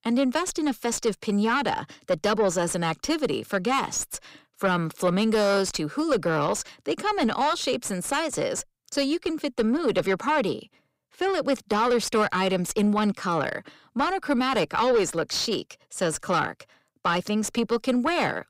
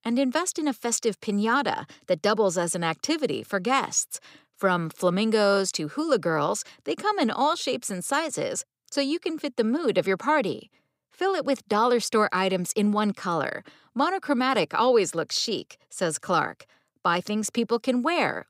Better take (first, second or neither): second